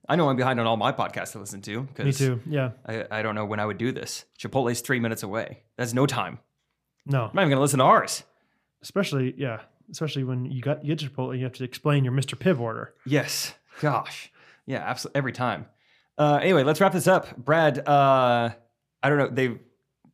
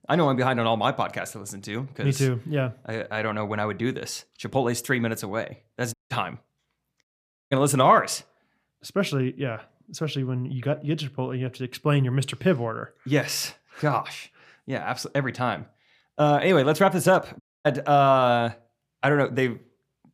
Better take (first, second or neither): first